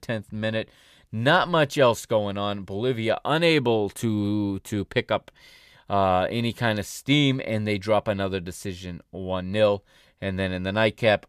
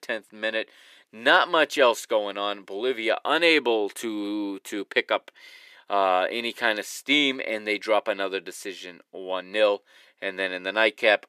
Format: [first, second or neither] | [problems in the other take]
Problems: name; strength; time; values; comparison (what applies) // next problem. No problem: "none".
first | thin; somewhat; fading below 300 Hz